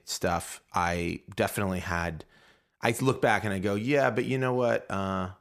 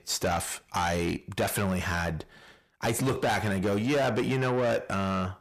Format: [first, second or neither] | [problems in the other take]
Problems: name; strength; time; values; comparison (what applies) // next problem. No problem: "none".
first | distortion; heavy; 6 dB below the speech